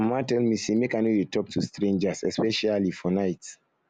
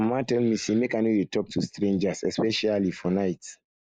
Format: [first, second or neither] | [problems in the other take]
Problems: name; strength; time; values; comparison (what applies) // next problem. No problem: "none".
first | noise reduction (neural mask model Resemble Enhance denoiser)